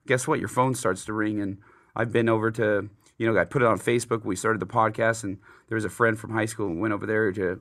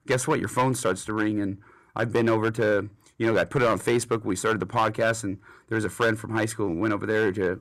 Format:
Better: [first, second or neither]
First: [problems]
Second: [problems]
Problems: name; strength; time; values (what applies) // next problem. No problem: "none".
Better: first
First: none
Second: distortion; slight; 4% of the sound clipped